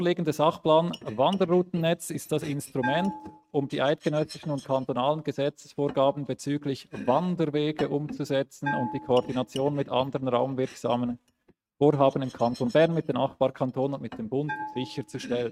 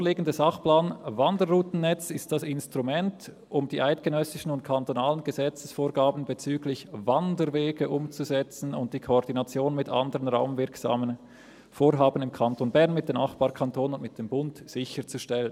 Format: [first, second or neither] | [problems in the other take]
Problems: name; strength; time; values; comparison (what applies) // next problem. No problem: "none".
second | noise reduction (neural mask model RNNoise)